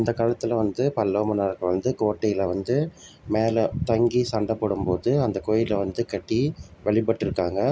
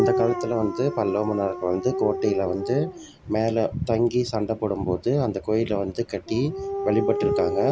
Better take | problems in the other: first | background sound (Dog); 6 dB below the speech

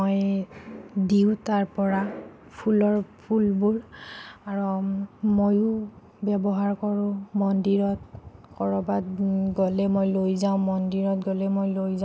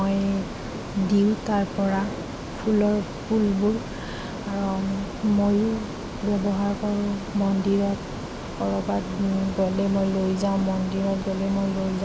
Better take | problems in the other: first | background sound (Ocean); 9 dB below the speech

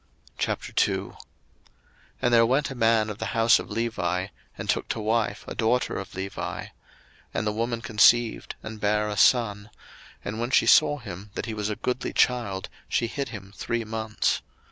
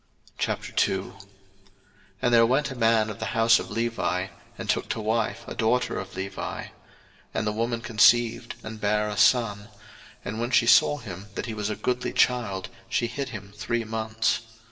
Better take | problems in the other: first | room echo; dies away in 1.5 s

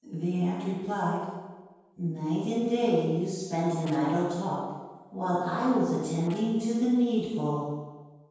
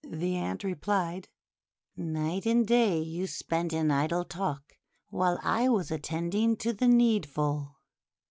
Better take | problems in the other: second | noise reduction (neural separator model SepFormer DNS4)

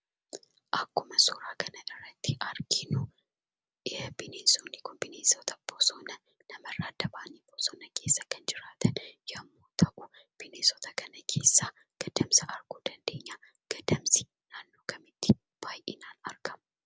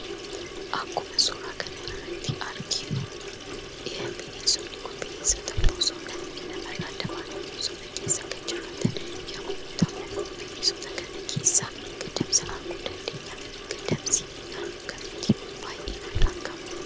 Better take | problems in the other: first | background sound (Sink (filling or washing) / Water tap, faucet); 1 dB below the speech

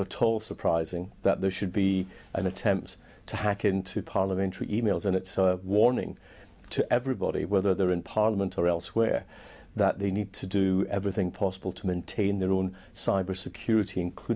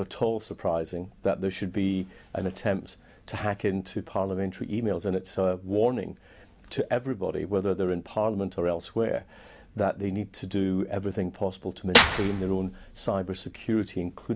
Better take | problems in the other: first | background sound (Clapping / Drum kit); 1 dB above the speech

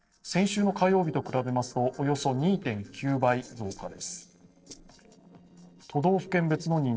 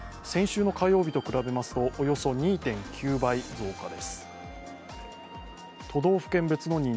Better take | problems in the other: second | noise reduction (neural separator model SepFormer DNS4)

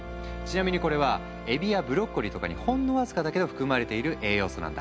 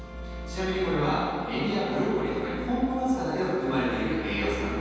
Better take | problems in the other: first | room echo; dies away in 2.1 s

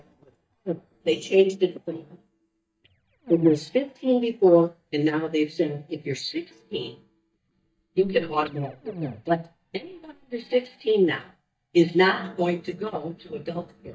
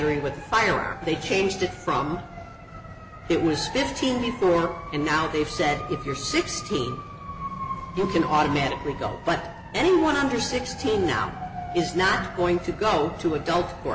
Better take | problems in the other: second | noise reduction (neural mask model DeepFilterNet 3)

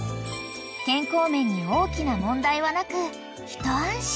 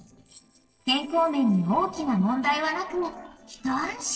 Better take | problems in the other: first | noise reduction (neural separator model SepFormer DNS4)

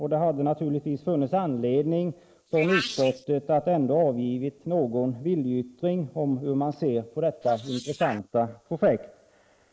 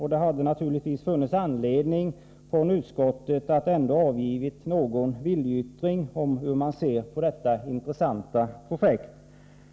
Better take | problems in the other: second | noise reduction (neural mask model Resemble Enhance denoiser)

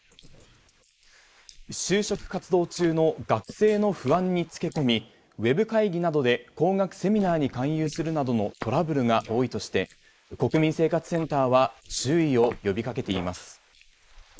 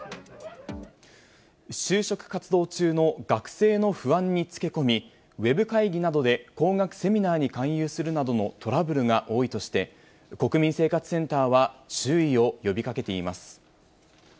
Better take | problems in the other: second | noise reduction (neural mask model Resemble Enhance denoiser)

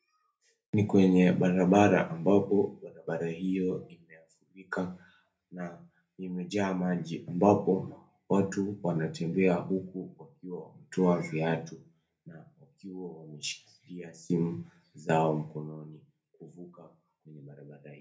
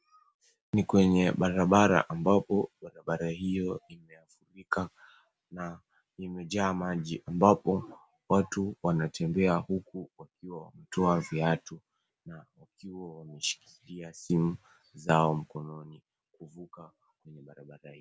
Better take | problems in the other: second | room echo; dies away in 0.3 s

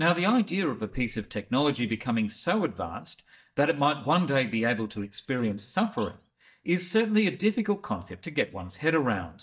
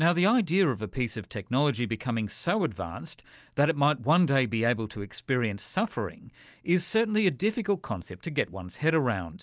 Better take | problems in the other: second | noise reduction (neural mask model DeepFilterNet 3)

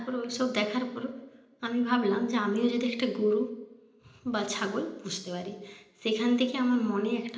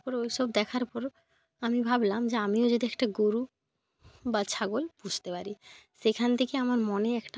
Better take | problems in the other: second | room echo; dies away in 0.9 s

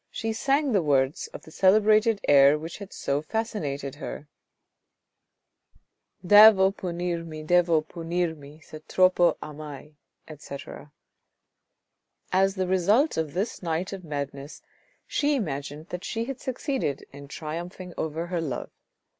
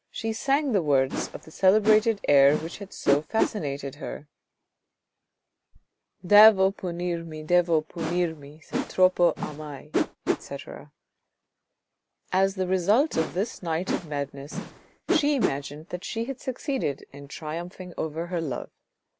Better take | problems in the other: first | background sound (Whoosh, swoosh, swish); 6 dB below the speech

